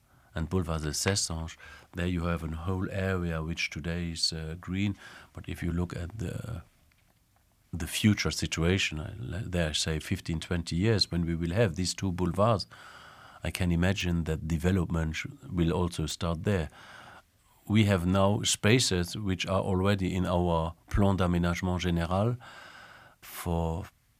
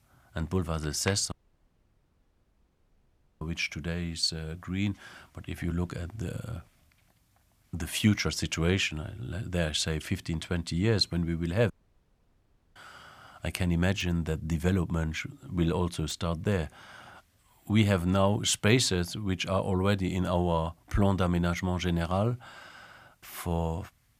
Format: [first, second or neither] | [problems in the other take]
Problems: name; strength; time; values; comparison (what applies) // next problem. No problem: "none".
first | audio cutting out; at 1.5 s for 2 s and at 12 s for 1 s